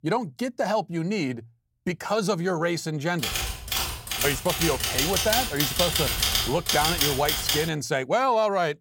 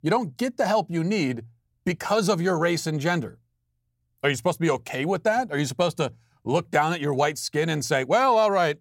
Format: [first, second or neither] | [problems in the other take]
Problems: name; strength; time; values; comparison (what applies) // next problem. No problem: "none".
second | keyboard typing; loud; from 3 to 7.5 s; peak 5 dB above the speech